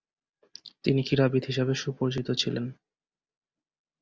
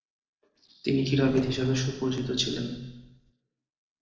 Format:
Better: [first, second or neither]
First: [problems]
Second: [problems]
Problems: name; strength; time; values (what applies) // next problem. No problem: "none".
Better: first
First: none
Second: noise reduction (neural separator model SepFormer DNS4)